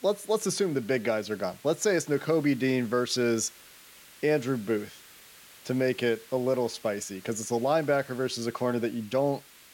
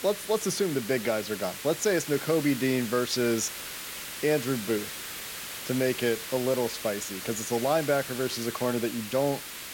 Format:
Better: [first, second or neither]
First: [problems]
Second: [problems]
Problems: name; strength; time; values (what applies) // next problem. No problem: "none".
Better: first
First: hiss; faint; throughout; 20 dB below the speech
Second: hiss; loud; throughout; 8 dB below the speech